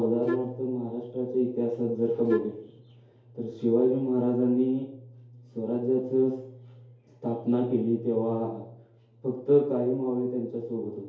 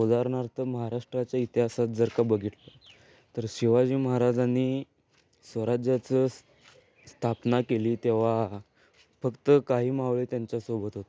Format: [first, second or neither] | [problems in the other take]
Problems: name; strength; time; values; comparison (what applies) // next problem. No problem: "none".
second | background sound (Wind instrument, woodwind instrument); 7 dB below the speech // room echo; dies away in 2.4 s